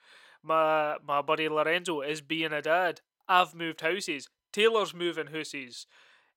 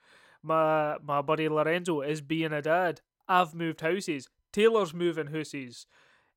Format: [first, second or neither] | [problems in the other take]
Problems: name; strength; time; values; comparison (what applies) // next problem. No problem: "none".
second | thin; very slightly; fading below 500 Hz